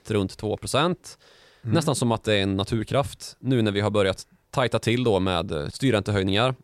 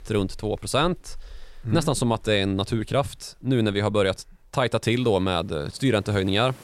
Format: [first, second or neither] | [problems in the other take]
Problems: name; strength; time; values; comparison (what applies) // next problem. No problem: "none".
first | rain or running water; faint; throughout; 25 dB below the speech